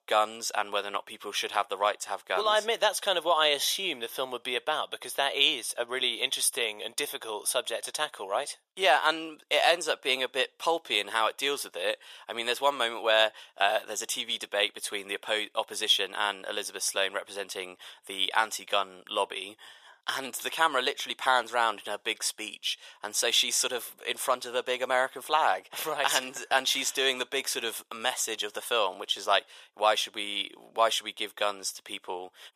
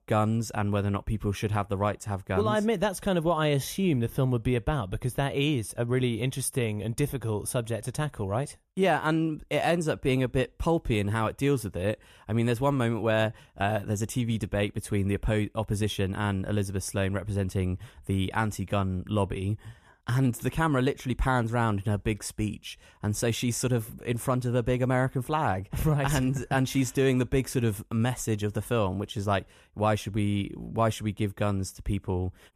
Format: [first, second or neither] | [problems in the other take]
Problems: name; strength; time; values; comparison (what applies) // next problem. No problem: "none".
second | thin; very; fading below 600 Hz